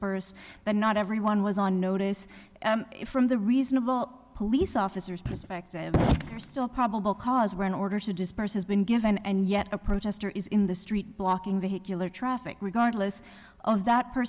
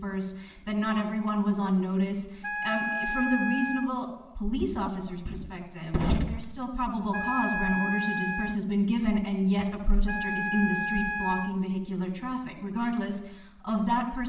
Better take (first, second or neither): first